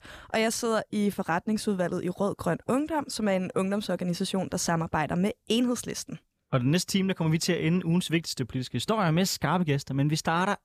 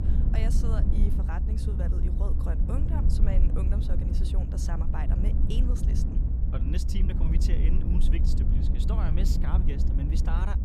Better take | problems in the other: first | low rumble; loud; throughout; 1 dB below the speech

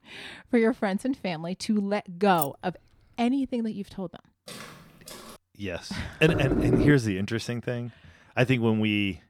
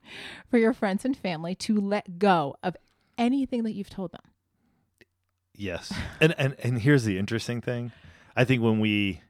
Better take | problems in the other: second | jangling keys; noticeable; at 2.5 s; peak 6 dB below the speech // footsteps; faint; at 4.5 s; peak 15 dB below the speech // door banging; loud; at 6.5 s; peak 3 dB above the speech

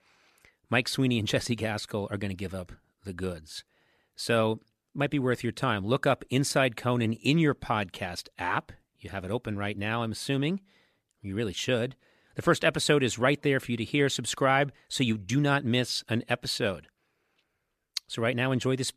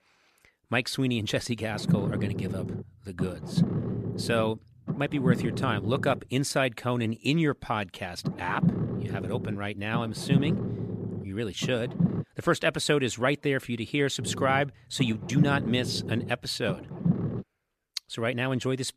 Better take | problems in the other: first | low rumble; loud; from 1.5 to 6.5 s, from 8 to 12 s and from 14 to 17 s; 9 dB below the speech

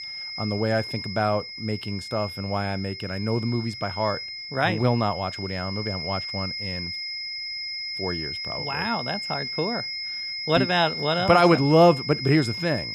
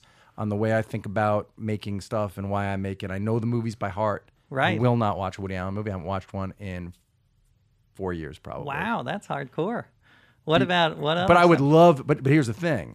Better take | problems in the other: second | high-pitched whine; loud; throughout; 5 kHz, 6 dB below the speech

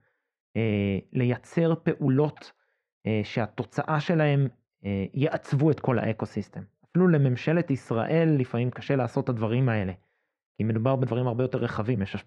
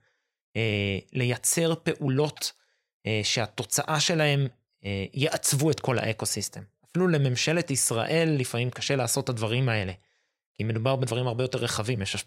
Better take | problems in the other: second | muffled; very; fading above 1.5 kHz

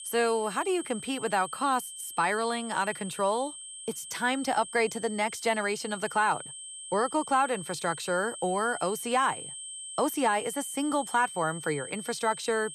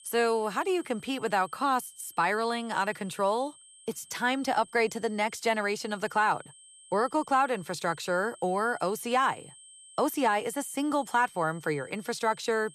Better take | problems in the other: second | high-pitched whine; loud; throughout; 8.5 kHz, 10 dB below the speech; faint in the second

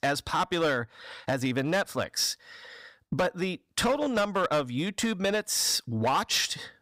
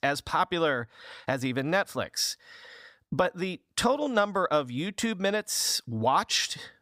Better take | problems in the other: second | distortion; slight; 7% of the sound clipped

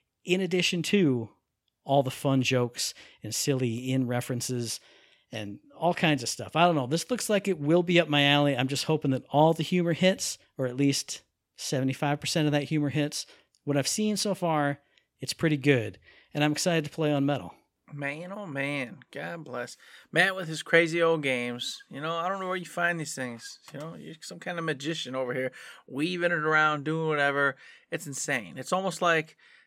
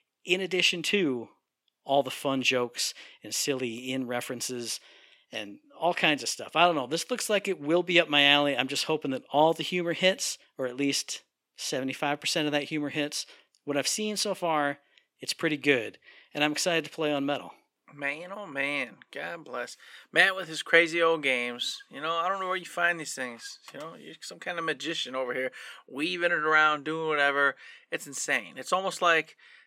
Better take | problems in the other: first | thin; very slightly; fading below 300 Hz

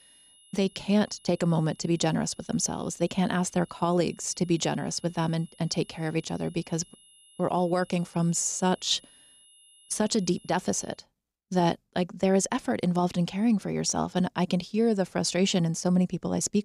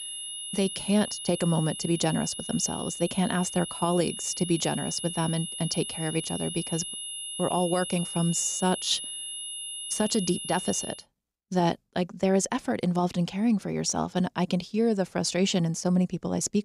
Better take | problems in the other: first | high-pitched whine; loud; until 11 s; 3 kHz, 7 dB below the speech; faint in the first

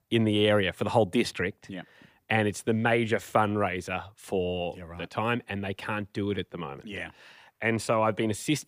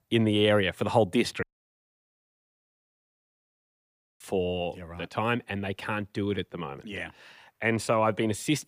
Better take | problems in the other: first | audio cutting out; at 1.5 s for 3 s

